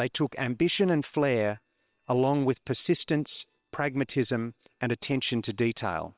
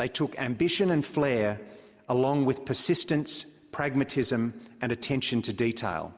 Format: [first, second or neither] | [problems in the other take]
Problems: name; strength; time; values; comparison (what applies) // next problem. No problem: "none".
second | noise reduction (neural separator model SepFormer WHAM!)